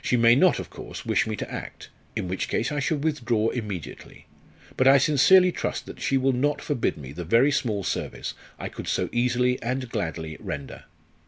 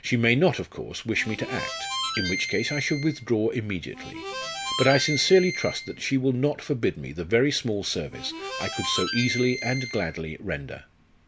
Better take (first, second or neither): first